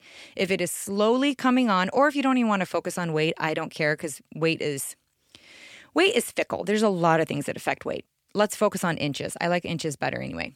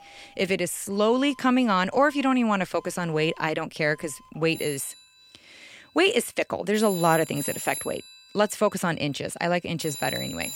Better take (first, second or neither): first